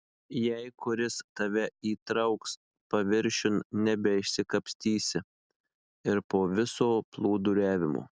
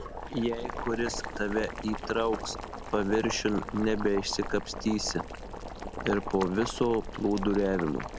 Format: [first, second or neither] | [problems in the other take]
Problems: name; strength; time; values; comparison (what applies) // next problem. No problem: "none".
first | background sound (Boiling); 7 dB below the speech